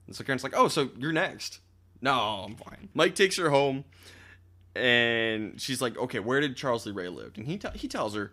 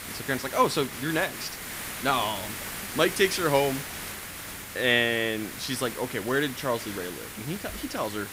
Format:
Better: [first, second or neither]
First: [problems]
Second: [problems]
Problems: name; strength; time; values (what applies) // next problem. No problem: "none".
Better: first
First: none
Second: hiss; loud; throughout; 8 dB below the speech